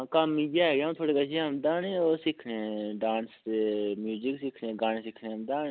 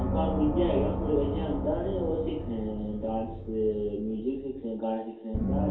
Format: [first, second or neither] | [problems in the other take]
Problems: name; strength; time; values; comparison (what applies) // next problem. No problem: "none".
first | background sound (Gong); 2 dB below the speech // room echo; dies away in 2.4 s